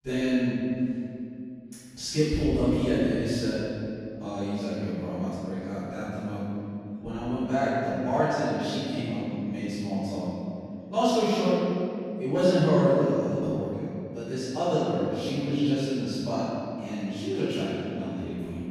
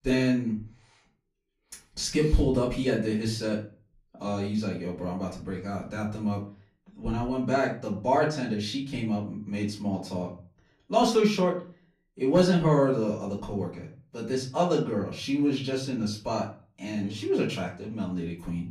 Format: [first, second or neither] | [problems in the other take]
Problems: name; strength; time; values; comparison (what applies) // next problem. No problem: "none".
second | room echo; strong; dies away in 2.6 s; slight in the second // off-mic speech; far; far in the second